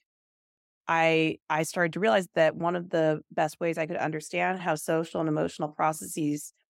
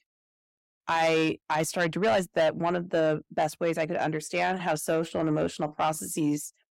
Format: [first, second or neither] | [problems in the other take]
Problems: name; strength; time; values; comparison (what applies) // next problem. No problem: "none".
first | distortion; slight; 10 dB below the speech